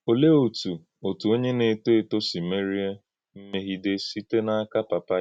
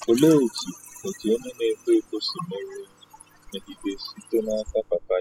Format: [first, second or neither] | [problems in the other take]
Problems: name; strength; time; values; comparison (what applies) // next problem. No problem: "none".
first | noise reduction (classical method spectral subtraction)